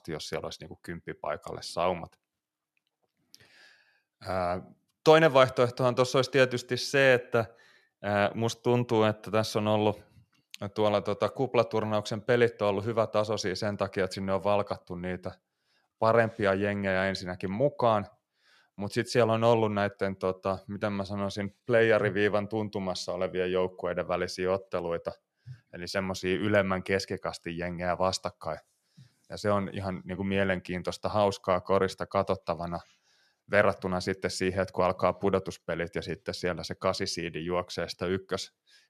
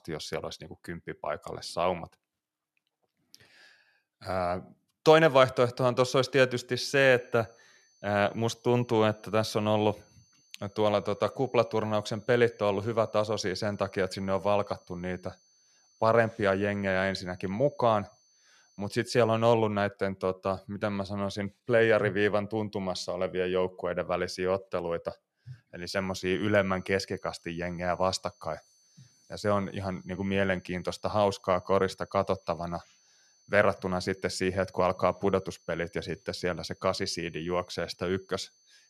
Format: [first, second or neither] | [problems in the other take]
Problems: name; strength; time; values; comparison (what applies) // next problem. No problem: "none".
first | high-pitched whine; faint; from 7 to 20 s and from 26 s on; 6 kHz, 35 dB below the speech